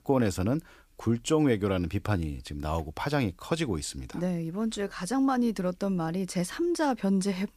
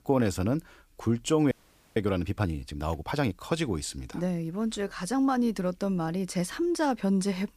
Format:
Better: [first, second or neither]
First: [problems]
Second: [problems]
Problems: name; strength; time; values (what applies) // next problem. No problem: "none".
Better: first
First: none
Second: audio freezing; at 1.5 s